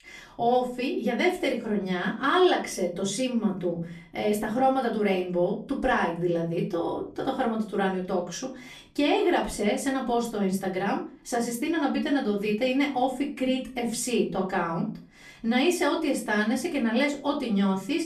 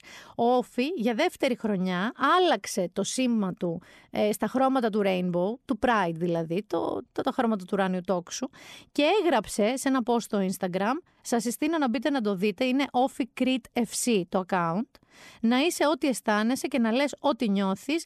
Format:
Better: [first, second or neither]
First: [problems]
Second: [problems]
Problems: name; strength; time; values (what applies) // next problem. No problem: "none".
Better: second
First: off-mic speech; far // room echo; very slight; dies away in 0.3 s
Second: none